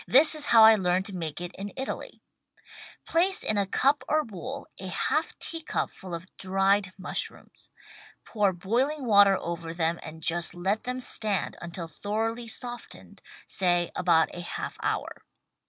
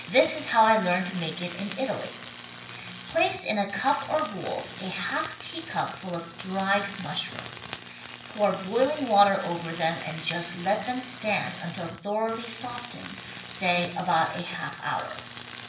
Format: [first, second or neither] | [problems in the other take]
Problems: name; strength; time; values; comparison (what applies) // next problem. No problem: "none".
first | background sound (Tools); 13 dB below the speech // room echo; dies away in 0.9 s